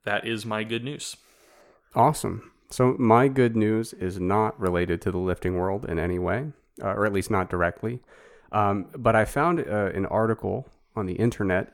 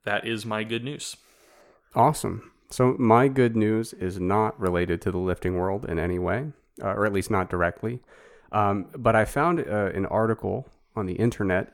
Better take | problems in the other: neither | none

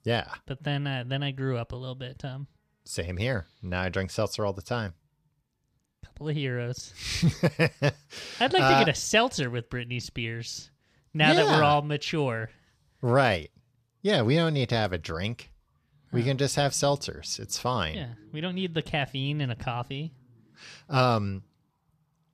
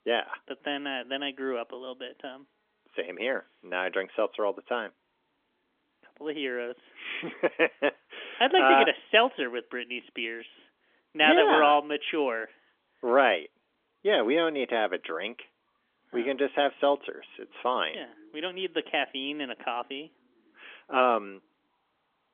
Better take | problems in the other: first | phone-call audio; nothing above 3.5 kHz

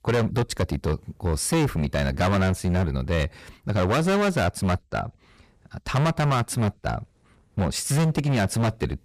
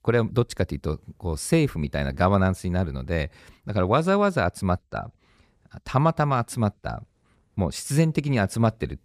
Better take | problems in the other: second | distortion; heavy; 17% of the sound clipped

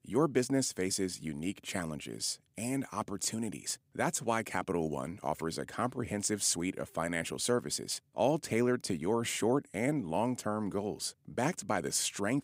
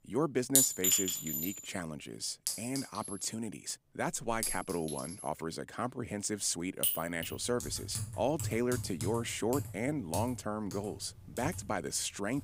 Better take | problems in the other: first | household noises; very loud; throughout; 1 dB above the speech

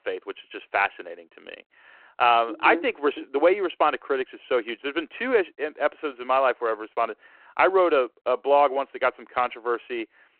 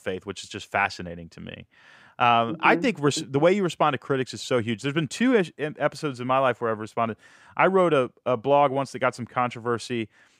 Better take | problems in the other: second | phone-call audio

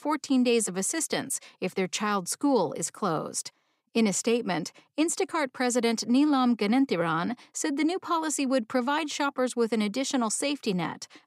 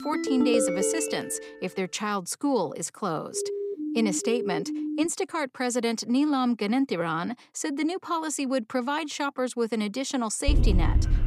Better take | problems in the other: first | phone ringing; loud; until 1.5 s; peak 3 dB above the speech // siren; noticeable; from 3.5 to 5 s; peak 3 dB below the speech // dog barking; loud; at 10 s; peak 4 dB above the speech

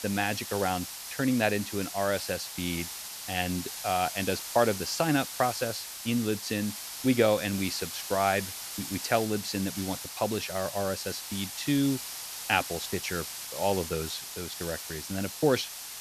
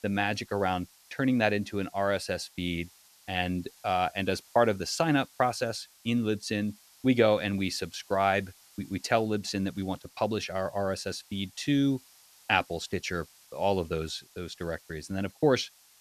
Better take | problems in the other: second | hiss; loud; throughout; 7 dB below the speech; faint in the second

